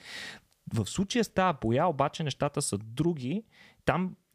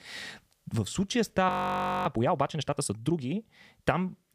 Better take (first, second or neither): first